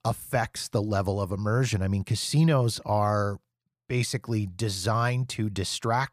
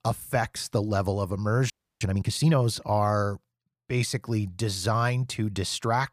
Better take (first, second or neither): first